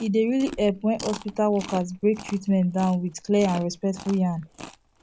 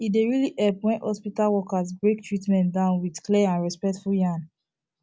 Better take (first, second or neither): second